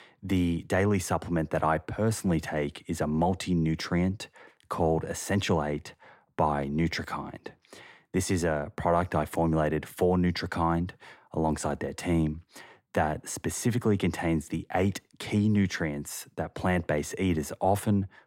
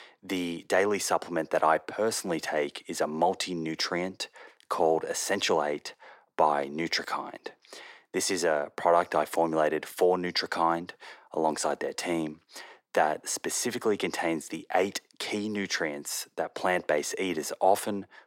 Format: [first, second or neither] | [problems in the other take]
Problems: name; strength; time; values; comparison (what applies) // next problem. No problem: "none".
first | thin; somewhat; fading below 450 Hz